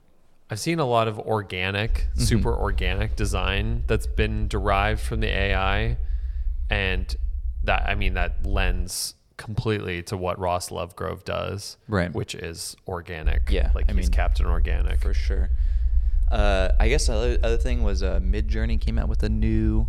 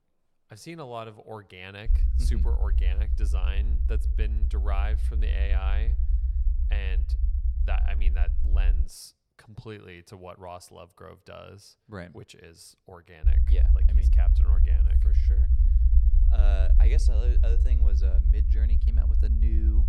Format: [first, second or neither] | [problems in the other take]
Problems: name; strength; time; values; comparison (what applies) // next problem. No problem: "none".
first | low rumble; loud; from 2 to 9 s and from 13 s on; 4 dB below the speech; faint in the first